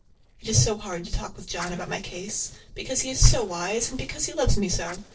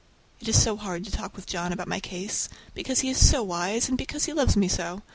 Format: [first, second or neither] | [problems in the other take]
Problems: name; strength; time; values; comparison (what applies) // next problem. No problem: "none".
second | noise reduction (neural separator model SepFormer DNS4)